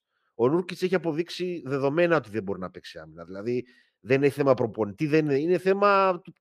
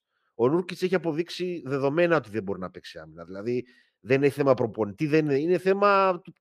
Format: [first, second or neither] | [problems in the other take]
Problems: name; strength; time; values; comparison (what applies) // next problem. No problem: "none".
neither | muffled; slightly; fading above 3 kHz; the same in both